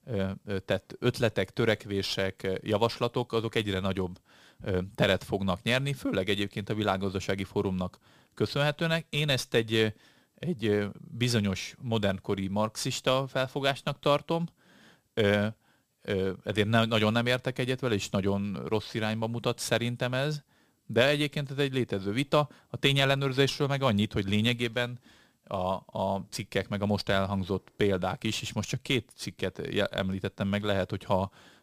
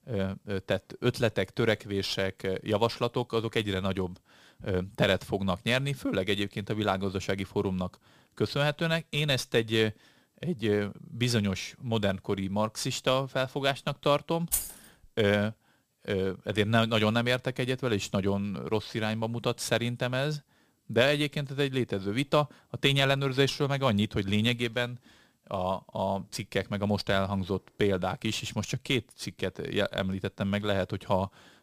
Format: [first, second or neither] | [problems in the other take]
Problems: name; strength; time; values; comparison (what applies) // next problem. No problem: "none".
first | jangling keys; noticeable; at 15 s; peak 1 dB below the speech